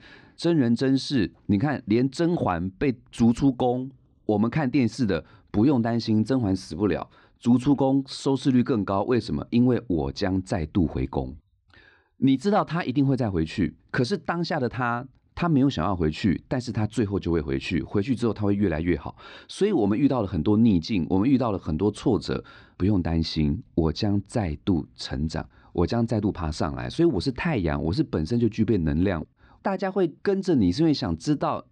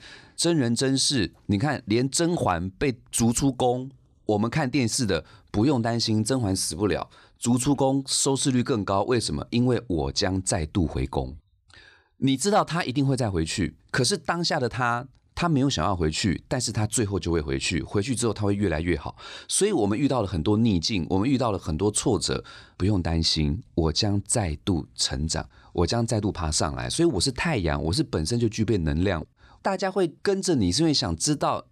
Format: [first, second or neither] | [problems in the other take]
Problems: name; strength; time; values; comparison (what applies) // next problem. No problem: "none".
second | muffled; slightly; fading above 3 kHz